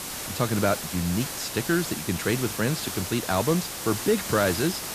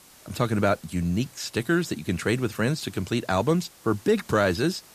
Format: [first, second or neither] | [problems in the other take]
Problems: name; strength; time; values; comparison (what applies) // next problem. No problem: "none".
second | hiss; loud; throughout; 5 dB below the speech; faint in the second